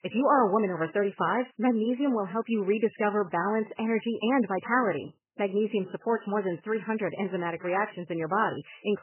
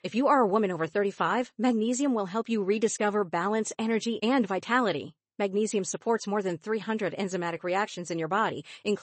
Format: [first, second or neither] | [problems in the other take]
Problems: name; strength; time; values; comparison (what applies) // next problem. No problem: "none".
second | garbled, watery; badly; nothing above 3 kHz; slightly in the second